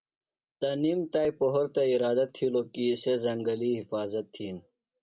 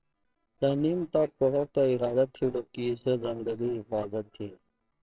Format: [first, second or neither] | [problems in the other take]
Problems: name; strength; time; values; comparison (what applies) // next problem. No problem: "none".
first | noise reduction (neural separator model SepFormer WHAMR!)